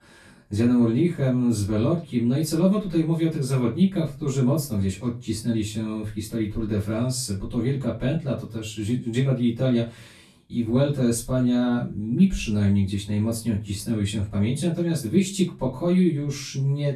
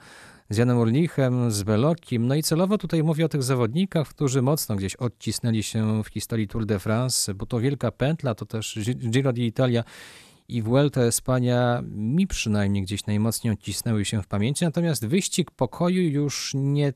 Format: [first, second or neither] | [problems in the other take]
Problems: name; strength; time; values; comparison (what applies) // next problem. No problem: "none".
second | off-mic speech; far // room echo; slight; dies away in 0.3 s